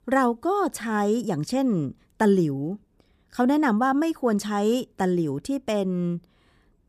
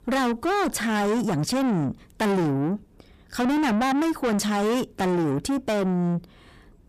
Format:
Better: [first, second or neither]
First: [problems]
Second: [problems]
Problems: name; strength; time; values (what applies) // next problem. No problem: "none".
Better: first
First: none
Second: distortion; heavy; 6 dB below the speech